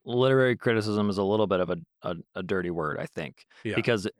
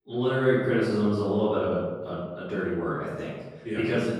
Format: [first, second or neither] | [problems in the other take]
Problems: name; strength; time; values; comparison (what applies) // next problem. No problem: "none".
first | off-mic speech; far // room echo; strong; dies away in 1.1 s